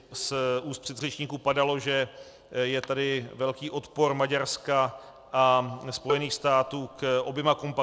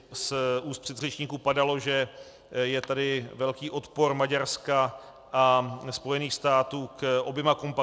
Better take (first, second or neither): second